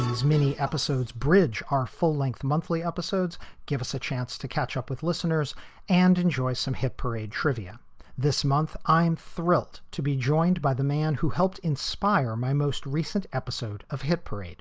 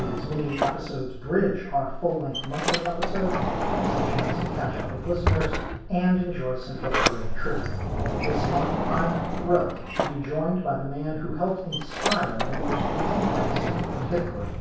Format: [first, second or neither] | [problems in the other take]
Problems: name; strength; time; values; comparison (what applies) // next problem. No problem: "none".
first | background sound (Sliding door); 1 dB above the speech // room echo; dies away in 0.7 s